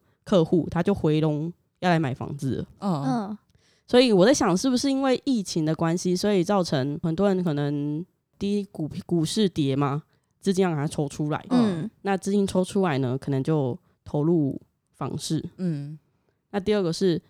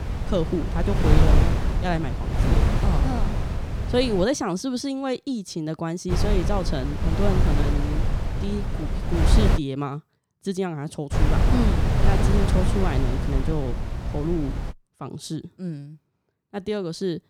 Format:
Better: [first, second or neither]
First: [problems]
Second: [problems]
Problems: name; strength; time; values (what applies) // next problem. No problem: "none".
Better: first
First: none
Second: wind noise on the microphone; heavy; until 4 s, from 6 to 9.5 s and from 11 to 15 s; 2 dB below the speech